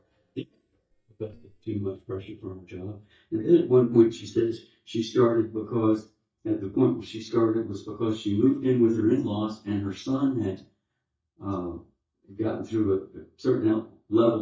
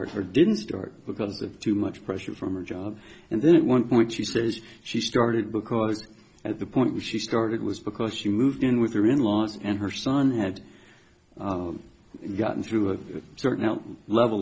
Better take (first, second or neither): second